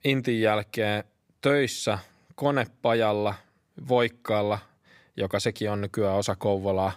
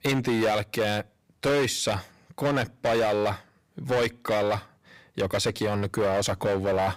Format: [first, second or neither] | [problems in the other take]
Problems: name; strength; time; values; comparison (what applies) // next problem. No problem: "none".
first | distortion; heavy; 14% of the sound clipped